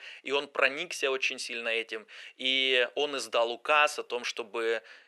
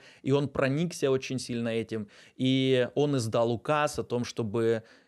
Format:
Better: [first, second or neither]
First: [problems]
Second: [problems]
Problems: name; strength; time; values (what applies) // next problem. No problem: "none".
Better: second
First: thin; very; fading below 450 Hz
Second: none